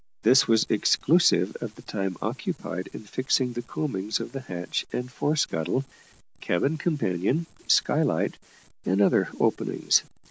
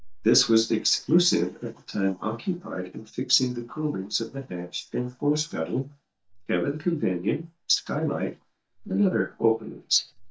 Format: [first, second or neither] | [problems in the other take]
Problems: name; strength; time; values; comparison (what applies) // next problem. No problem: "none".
first | noise reduction (neural mask model DeepFilterNet 3)